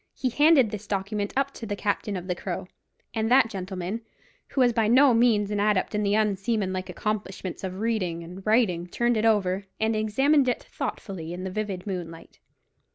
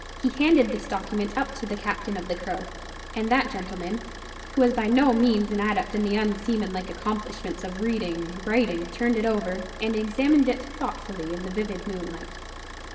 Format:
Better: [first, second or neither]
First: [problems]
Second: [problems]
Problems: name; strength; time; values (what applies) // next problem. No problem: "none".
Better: first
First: none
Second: background sound (Idling / Car); 12 dB below the speech // room echo; dies away in 1 s